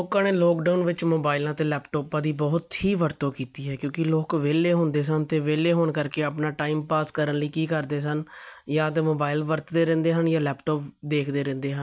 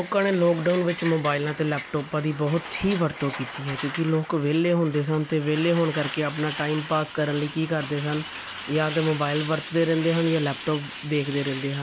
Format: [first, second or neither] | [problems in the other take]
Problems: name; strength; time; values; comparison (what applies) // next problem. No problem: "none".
first | background sound (Truck); 13 dB below the speech